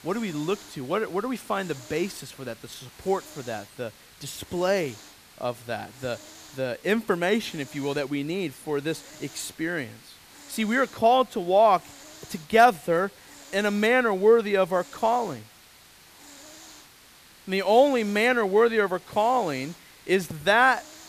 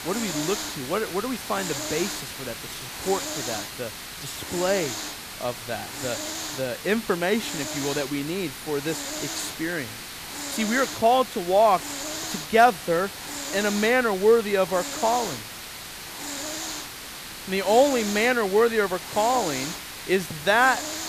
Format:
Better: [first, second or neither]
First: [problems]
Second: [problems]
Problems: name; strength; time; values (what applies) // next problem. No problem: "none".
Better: first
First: hiss; faint; throughout; 20 dB below the speech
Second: hiss; loud; throughout; 8 dB below the speech